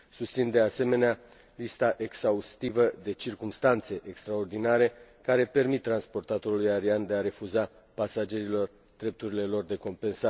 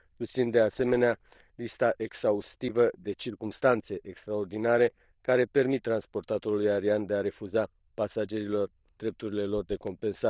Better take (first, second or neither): first